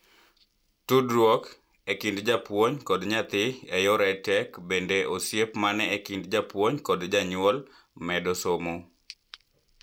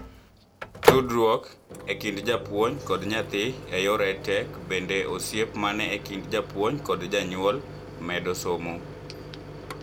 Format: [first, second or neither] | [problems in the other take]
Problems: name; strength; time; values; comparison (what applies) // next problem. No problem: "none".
first | background sound (Microwave oven); 5 dB below the speech